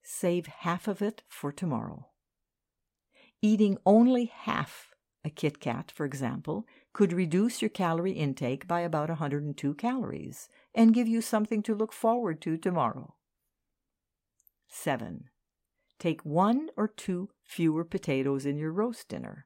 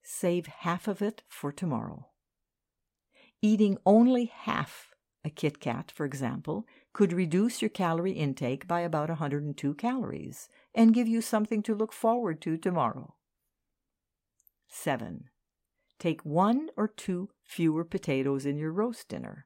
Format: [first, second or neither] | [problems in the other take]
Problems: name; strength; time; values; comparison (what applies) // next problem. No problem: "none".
neither | none